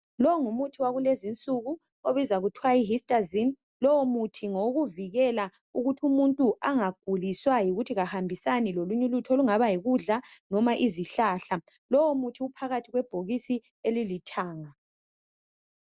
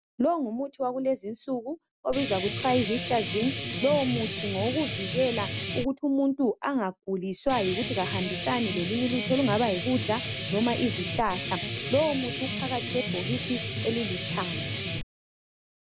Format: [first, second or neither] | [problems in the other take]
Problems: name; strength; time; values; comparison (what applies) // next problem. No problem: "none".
first | background sound (Guitar); 3 dB below the speech